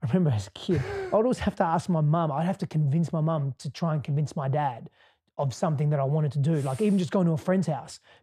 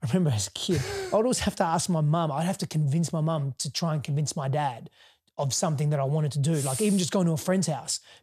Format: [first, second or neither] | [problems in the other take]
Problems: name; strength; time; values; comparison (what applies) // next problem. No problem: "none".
second | muffled; slightly; fading above 3.5 kHz